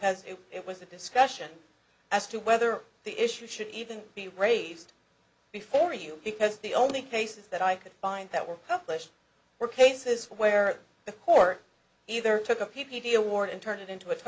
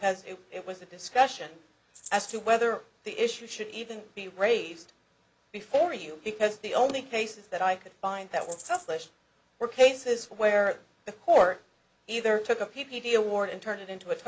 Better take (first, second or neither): first